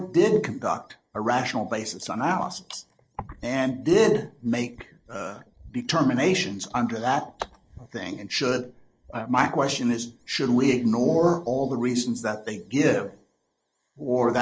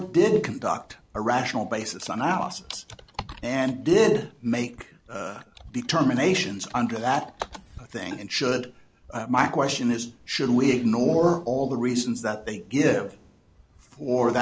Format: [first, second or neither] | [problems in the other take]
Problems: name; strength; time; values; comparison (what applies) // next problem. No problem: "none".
second | noise reduction (neural mask model Resemble Enhance denoiser)